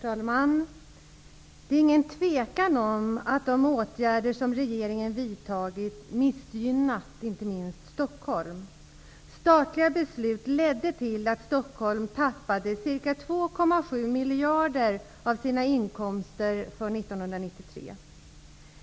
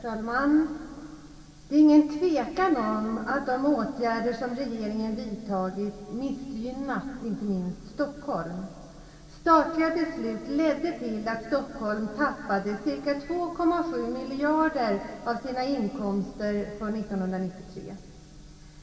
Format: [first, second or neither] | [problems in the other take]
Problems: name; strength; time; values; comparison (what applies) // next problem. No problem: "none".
first | room echo; dies away in 2.4 s